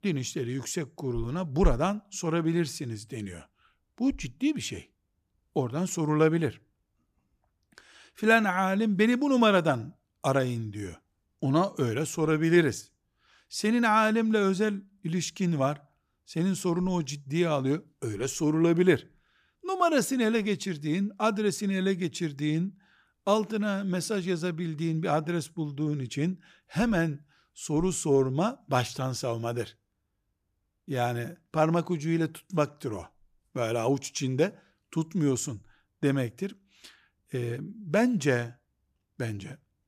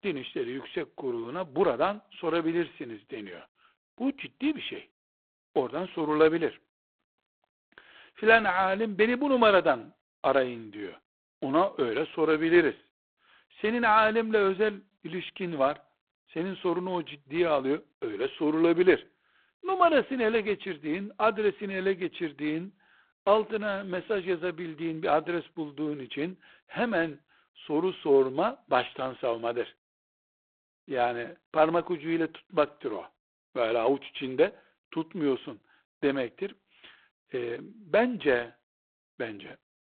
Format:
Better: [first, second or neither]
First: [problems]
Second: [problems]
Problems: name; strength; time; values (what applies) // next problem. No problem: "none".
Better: first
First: none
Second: phone-call audio; poor line; nothing above 4 kHz